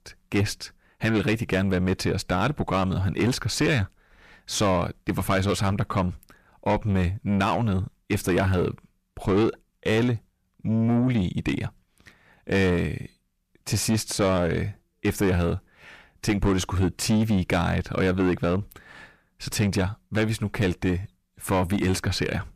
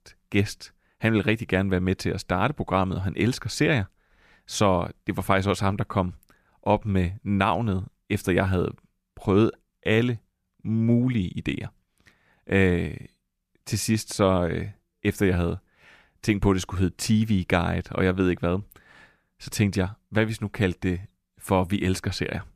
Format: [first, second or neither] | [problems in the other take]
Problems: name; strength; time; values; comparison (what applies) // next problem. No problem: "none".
second | distortion; heavy; 7 dB below the speech